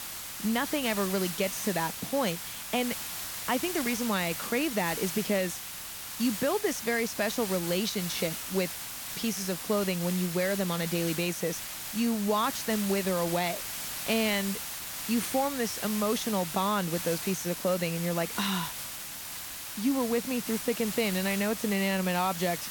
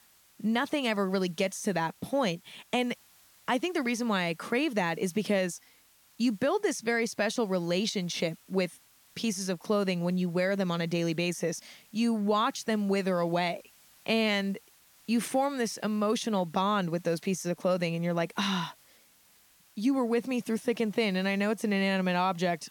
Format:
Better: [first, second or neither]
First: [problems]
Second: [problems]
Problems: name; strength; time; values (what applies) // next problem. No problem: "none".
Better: second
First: hiss; loud; throughout; 5 dB below the speech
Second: hiss; faint; throughout; 30 dB below the speech